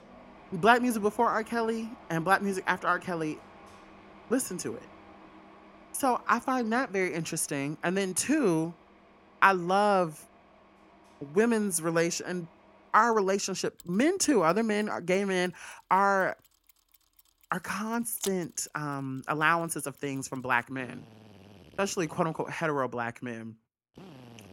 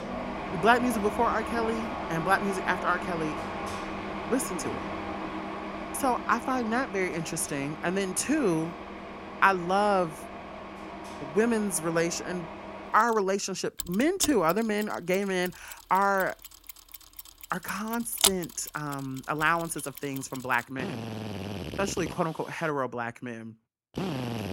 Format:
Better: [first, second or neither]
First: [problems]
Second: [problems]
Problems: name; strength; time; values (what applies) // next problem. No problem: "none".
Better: first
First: machinery noise; faint; throughout; 25 dB below the speech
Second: machinery noise; loud; throughout; 7 dB below the speech